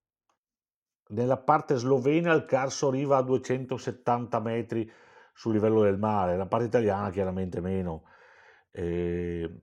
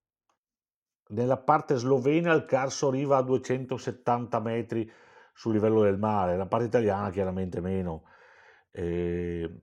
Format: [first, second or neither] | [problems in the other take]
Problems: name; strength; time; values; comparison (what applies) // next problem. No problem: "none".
neither | none